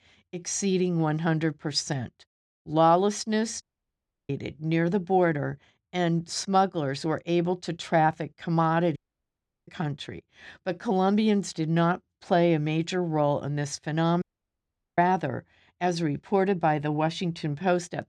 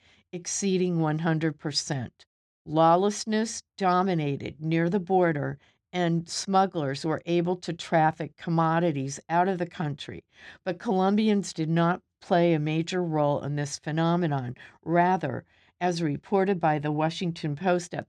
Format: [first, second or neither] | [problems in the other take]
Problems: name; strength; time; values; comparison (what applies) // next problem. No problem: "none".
second | audio cutting out; at 3.5 s for 0.5 s, at 9 s for 0.5 s and at 14 s for 1 s